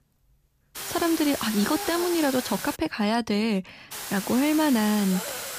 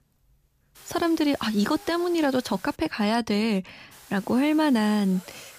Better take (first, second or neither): second